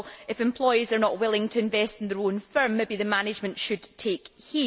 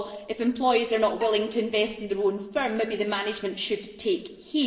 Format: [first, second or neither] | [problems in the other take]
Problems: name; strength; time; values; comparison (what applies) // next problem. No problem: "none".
first | noise reduction (neural separator model SepFormer DNS4)